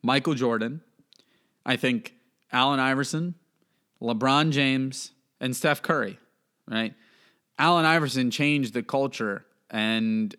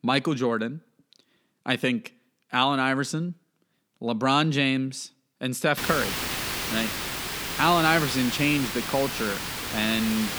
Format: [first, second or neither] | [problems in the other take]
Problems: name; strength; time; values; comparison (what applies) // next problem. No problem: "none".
first | hiss; loud; from 6 s on; 4 dB below the speech